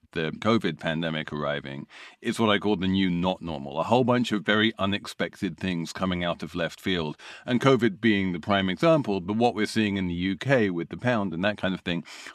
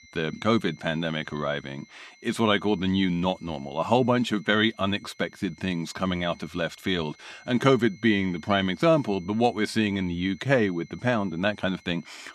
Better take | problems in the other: first | high-pitched whine; faint; throughout; 2 kHz, 25 dB below the speech

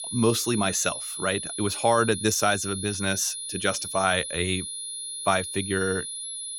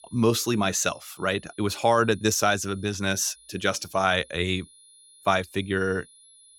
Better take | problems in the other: second | high-pitched whine; loud; throughout; 10.5 kHz, 6 dB below the speech; faint in the second

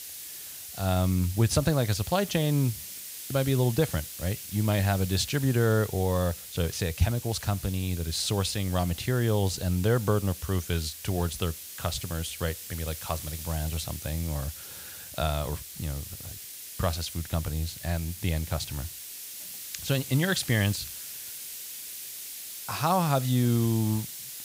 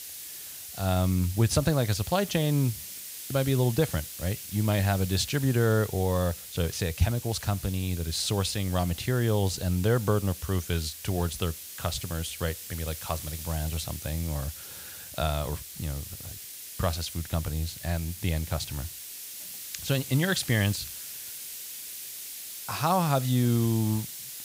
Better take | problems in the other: neither | hiss; loud; throughout; 10 dB below the speech; the same in both

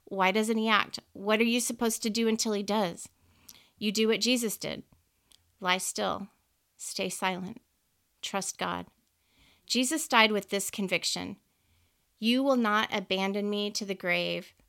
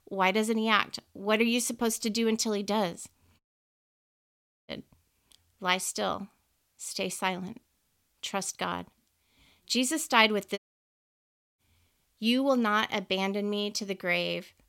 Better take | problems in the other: first | audio cutting out; at 3.5 s for 1.5 s and at 11 s for 1 s

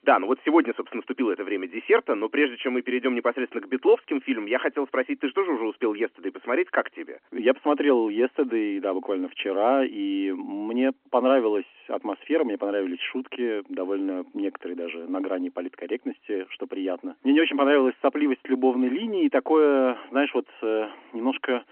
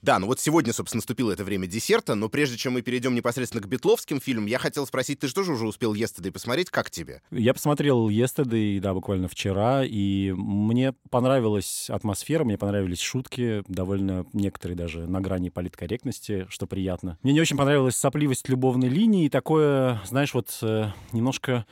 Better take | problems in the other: second | phone-call audio

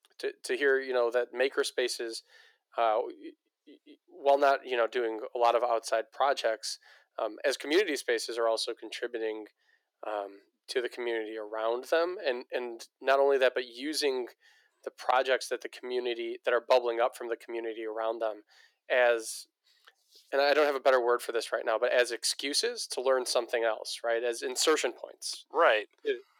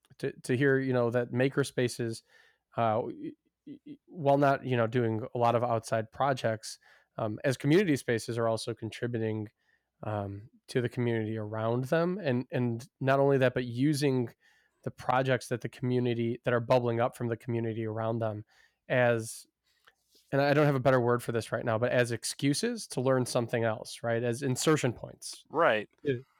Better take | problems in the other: second | thin; very; fading below 350 Hz

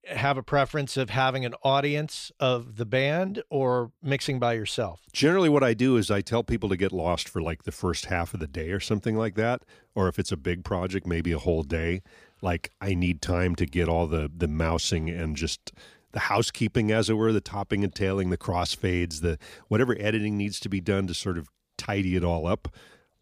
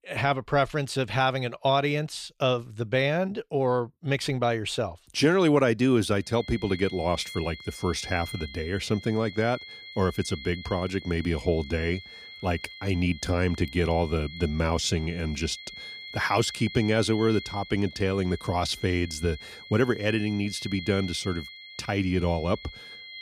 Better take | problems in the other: first | high-pitched whine; noticeable; from 6.5 s on; 2 kHz, 15 dB below the speech

